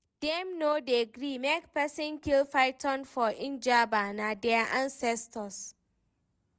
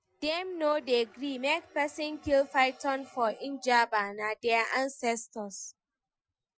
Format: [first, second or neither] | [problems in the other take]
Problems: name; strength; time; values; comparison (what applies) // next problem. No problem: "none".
first | noise reduction (classical method Wiener filter)